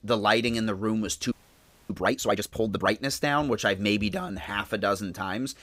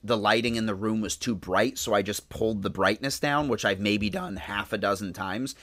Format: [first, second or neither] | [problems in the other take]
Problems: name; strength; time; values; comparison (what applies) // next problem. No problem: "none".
second | audio freezing; at 1.5 s for 0.5 s